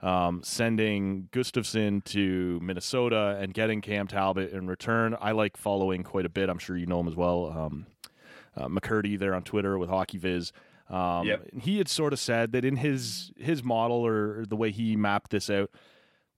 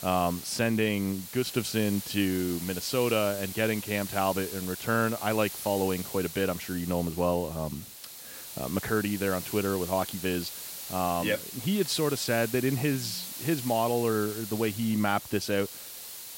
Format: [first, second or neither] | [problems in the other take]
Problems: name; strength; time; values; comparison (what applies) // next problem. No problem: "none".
first | hiss; loud; throughout; 9 dB below the speech